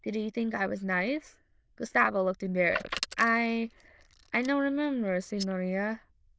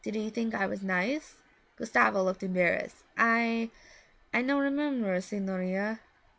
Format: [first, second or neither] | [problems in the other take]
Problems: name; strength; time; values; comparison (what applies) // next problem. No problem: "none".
second | noise reduction (neural diffusion model UNIVERSE++)